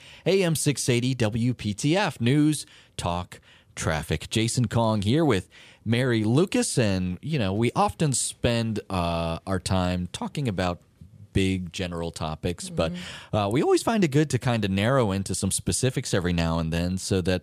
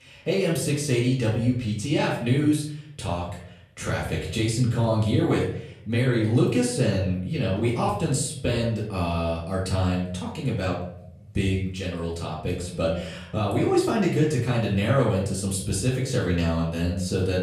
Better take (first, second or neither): first